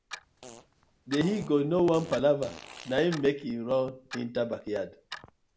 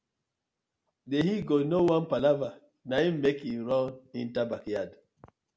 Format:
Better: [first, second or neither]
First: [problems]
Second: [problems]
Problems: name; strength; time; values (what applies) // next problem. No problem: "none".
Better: second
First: background sound (Fart + Clock); 17 dB below the speech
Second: none